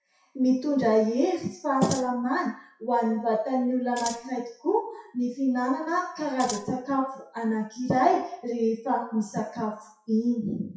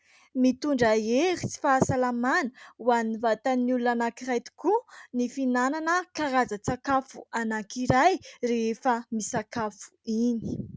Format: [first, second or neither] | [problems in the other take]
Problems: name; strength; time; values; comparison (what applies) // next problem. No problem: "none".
second | noise reduction (classical method WPE with log-MMSE)